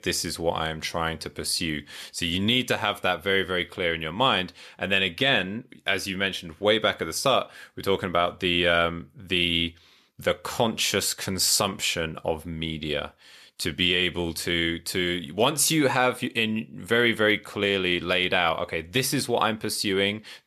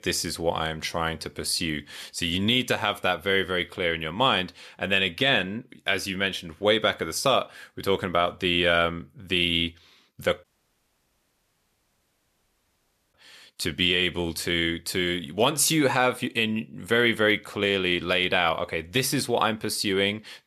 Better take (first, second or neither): first